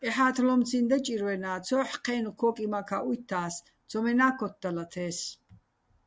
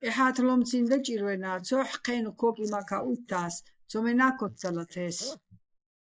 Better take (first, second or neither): first